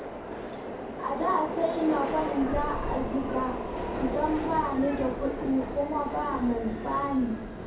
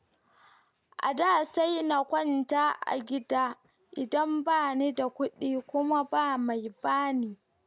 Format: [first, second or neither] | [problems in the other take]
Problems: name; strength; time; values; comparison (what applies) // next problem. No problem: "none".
second | background sound (Subway, metro, underground); 4 dB below the speech // room echo; dies away in 0.6 s